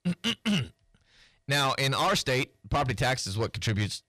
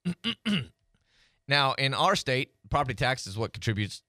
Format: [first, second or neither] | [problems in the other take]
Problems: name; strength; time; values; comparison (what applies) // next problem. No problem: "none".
second | distortion; heavy; 7 dB below the speech